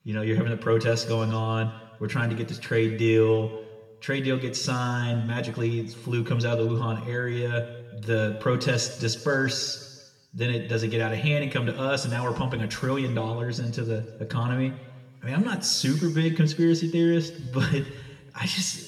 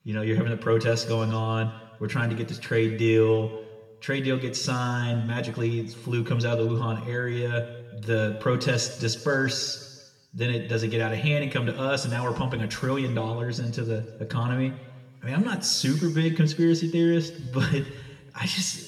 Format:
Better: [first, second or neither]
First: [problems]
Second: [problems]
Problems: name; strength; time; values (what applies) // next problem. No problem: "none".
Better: neither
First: room echo; noticeable; dies away in 1.2 s // off-mic speech; somewhat distant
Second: room echo; noticeable; dies away in 1.2 s // off-mic speech; somewhat distant